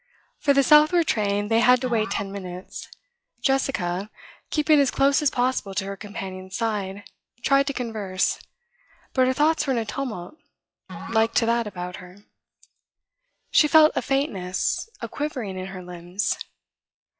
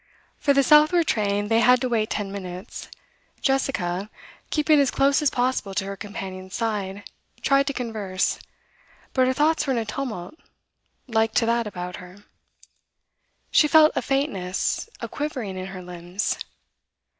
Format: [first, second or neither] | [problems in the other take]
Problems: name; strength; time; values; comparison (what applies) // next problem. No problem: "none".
second | noise reduction (classical method log-MMSE)